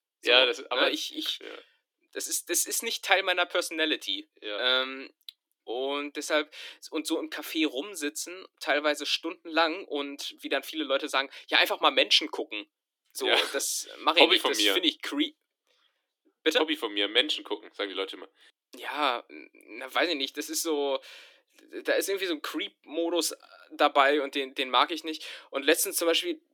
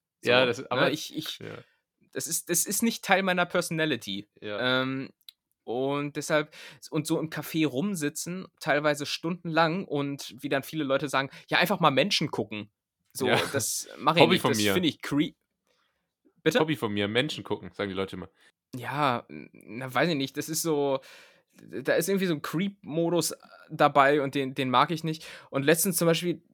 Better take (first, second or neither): second